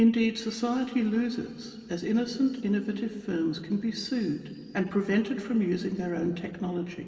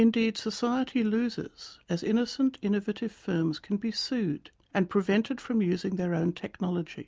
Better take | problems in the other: second | room echo; dies away in 2.9 s

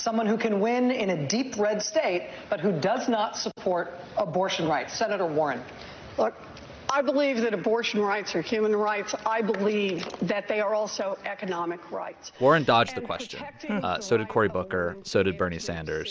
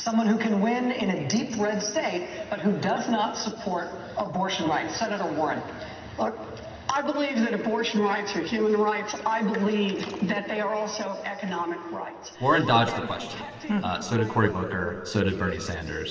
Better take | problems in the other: first | room echo; dies away in 2.2 s

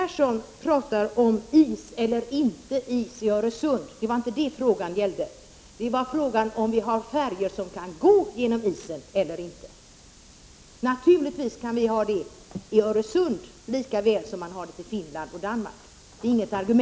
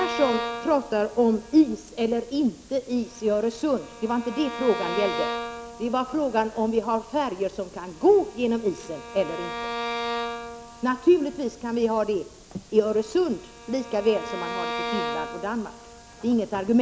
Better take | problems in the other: first | background sound (Bowed string instrument); 10 dB below the speech

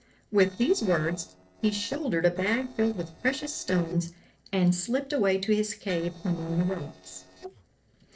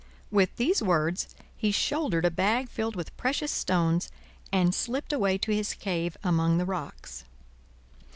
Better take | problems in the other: second | noise reduction (neural separator model SepFormer DNS4)

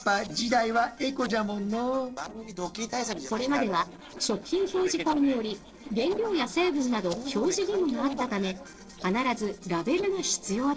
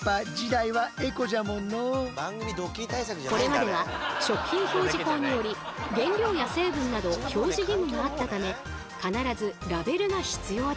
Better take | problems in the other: second | noise reduction (neural separator model SepFormer DNS4)

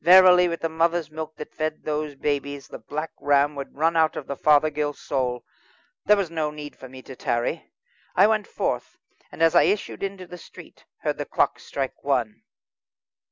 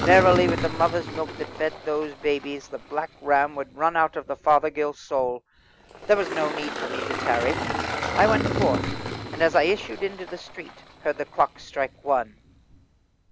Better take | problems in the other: first | background sound (Engine); 7 dB below the speech

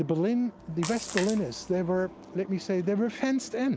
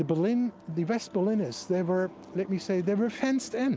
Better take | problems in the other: second | background sound (Splash, splatter); 12 dB below the speech

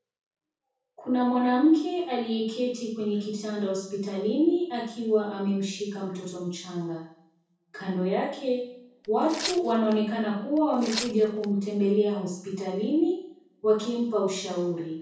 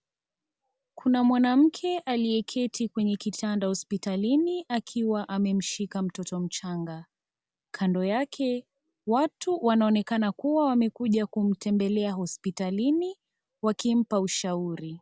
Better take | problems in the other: second | background sound (Tearing); 11 dB below the speech // room echo; dies away in 0.6 s

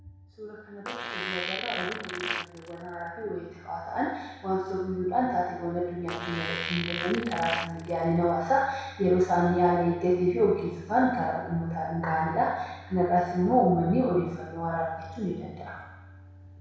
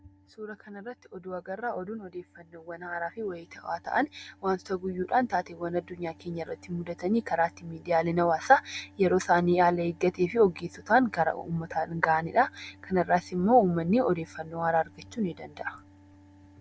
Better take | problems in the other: second | background sound (Fart); 8 dB below the speech // room echo; dies away in 1.1 s

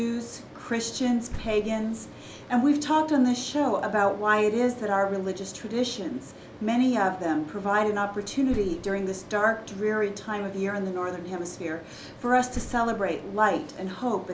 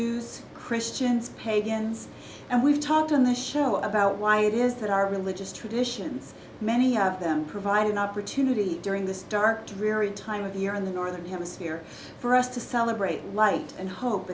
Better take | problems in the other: second | background sound (Slam); 15 dB below the speech

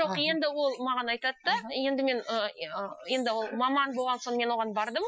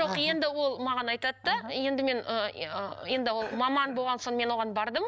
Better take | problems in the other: second | noise reduction (classical method Wiener filter)

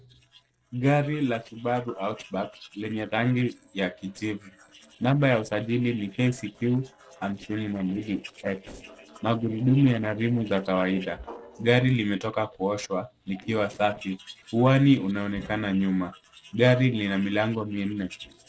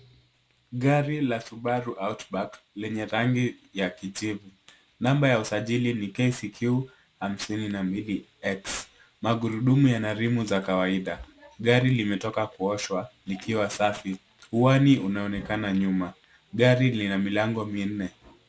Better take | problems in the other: second | noise reduction (neural separator model SepFormer DNS4)

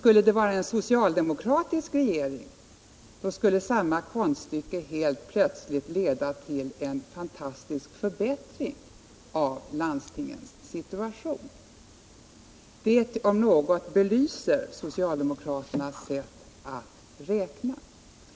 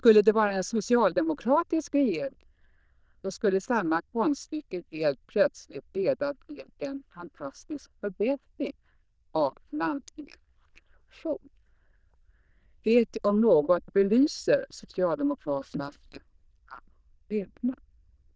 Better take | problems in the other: first | noise reduction (neural diffusion model UNIVERSE++)

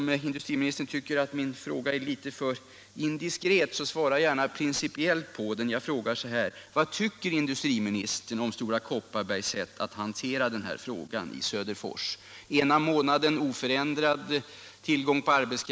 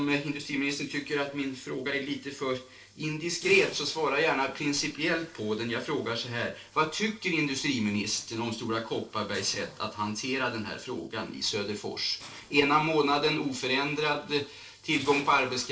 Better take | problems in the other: first | noise reduction (neural separator model SepFormer DNS4)

